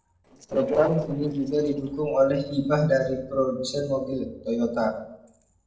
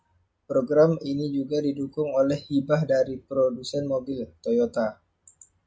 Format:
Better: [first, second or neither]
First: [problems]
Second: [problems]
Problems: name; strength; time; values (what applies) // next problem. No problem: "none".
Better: second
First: noise reduction (neural separator model SepFormer DNS4)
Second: none